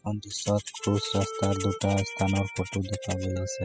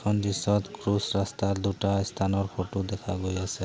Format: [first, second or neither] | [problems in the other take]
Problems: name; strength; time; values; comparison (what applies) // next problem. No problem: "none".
second | noise reduction (classical method spectral subtraction)